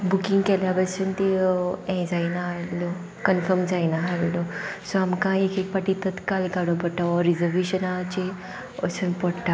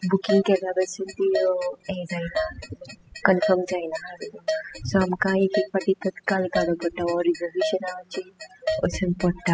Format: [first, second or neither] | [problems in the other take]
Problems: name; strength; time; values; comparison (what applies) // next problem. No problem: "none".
first | noise reduction (classical method spectral subtraction)